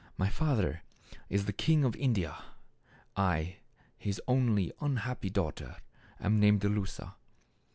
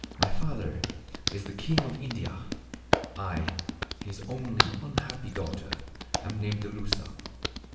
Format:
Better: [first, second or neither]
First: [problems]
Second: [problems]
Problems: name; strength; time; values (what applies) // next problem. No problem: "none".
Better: first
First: none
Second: background sound (Hands); as loud as the speech // room echo; dies away in 1 s